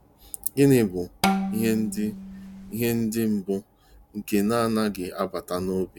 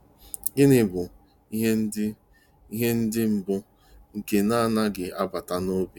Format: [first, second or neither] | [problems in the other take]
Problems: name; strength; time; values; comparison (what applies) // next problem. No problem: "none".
second | background sound (Bowed string instrument); 3 dB below the speech